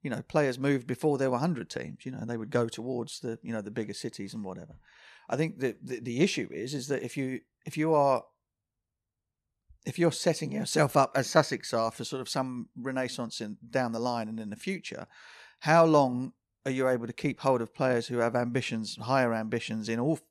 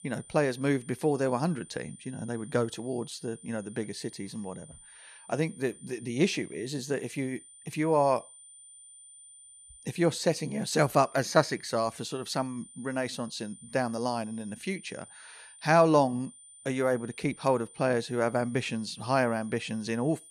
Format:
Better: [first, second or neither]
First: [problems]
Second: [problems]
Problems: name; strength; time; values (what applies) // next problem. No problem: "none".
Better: first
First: none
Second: high-pitched whine; noticeable; throughout; 9 kHz, 20 dB below the speech